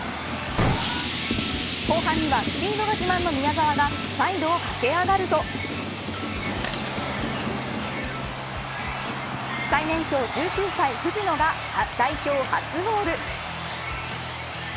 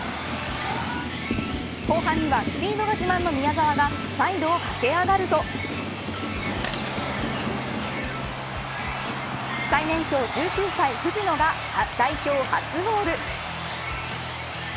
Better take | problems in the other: second | background sound (Explosion); 11 dB below the speech

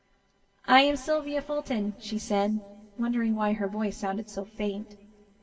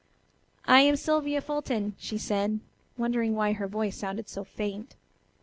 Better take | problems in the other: second | room echo; dies away in 2.7 s

